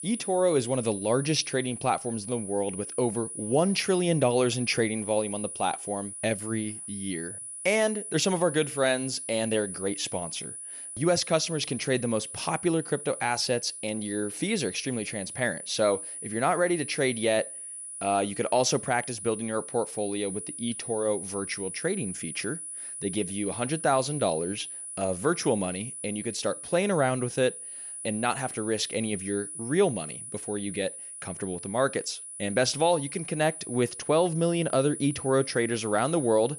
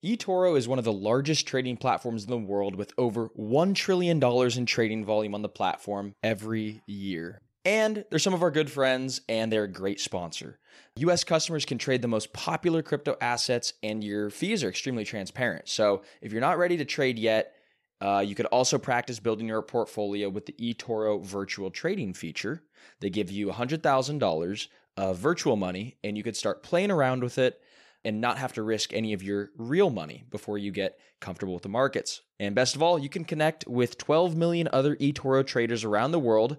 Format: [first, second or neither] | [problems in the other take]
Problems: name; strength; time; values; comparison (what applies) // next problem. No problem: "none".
second | high-pitched whine; loud; throughout; 10 kHz, 8 dB below the speech